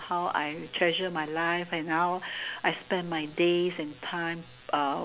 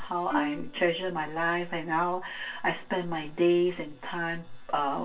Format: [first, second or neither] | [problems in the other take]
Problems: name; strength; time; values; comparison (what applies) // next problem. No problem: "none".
first | noise reduction (neural separator model SepFormer DNS4)